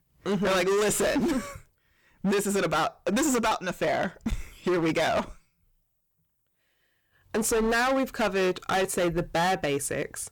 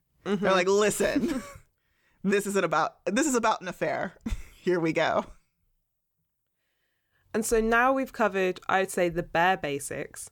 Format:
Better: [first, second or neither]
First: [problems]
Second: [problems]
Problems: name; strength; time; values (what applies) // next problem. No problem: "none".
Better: second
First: distortion; heavy; 18% of the sound clipped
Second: none